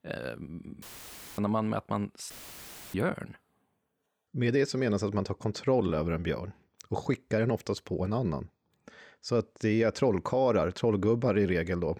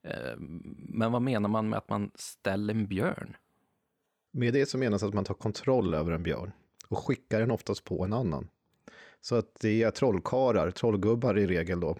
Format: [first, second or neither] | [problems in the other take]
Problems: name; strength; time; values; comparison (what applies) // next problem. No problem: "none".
second | audio cutting out; filled with static; at 1 s for 0.5 s and at 2.5 s for 0.5 s